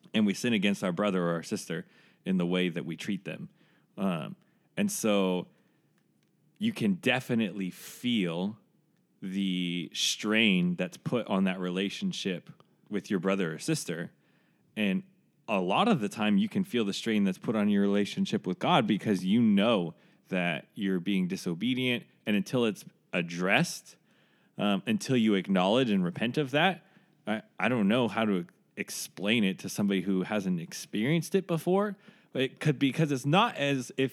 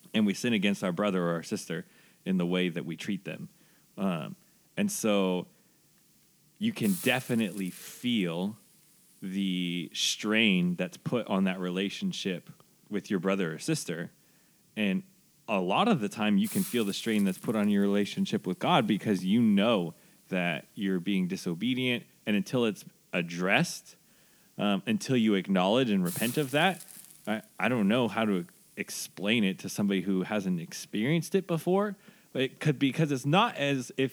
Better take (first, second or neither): first